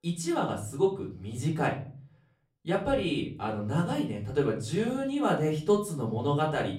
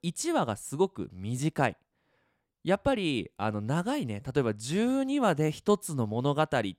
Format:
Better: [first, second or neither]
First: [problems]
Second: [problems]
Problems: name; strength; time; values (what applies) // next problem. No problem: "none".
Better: second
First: room echo; slight; dies away in 0.5 s // off-mic speech; far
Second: none